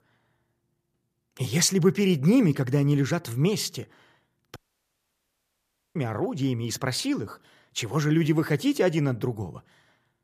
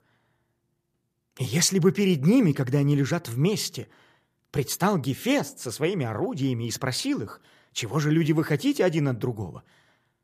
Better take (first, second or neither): second